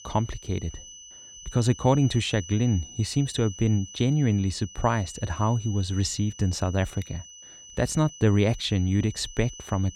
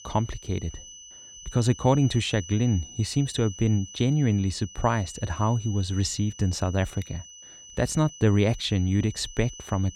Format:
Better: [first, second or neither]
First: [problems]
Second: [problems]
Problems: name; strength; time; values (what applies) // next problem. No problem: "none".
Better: neither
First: high-pitched whine; noticeable; throughout; 6 kHz, 15 dB below the speech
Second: high-pitched whine; noticeable; throughout; 6 kHz, 15 dB below the speech